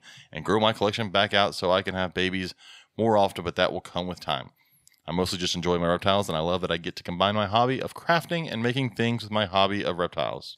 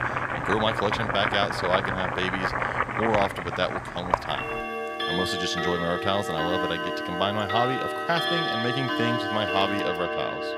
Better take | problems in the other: first | household noises; very loud; throughout; as loud as the speech

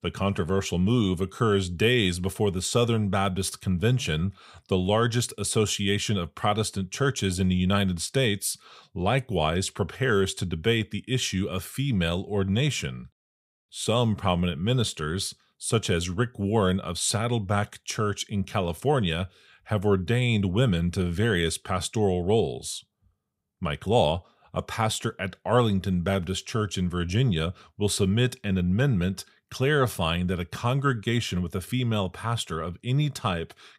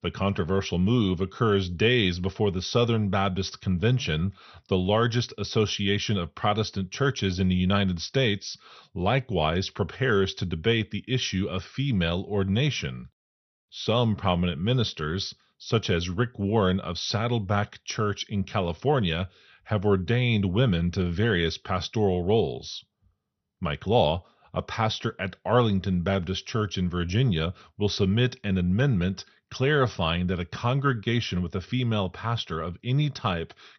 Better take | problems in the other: first | garbled, watery; slightly; nothing above 6 kHz

